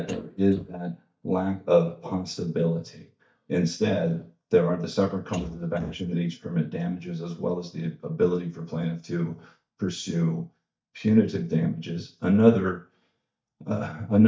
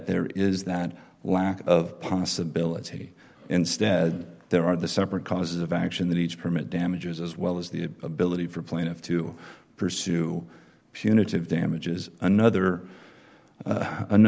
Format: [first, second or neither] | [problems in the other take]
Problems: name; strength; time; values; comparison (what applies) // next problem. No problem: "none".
second | noise reduction (neural mask model DeepFilterNet 3)